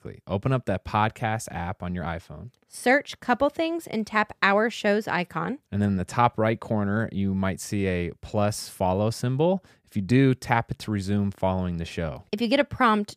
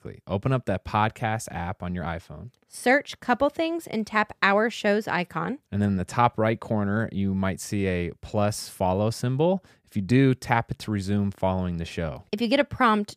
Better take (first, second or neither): neither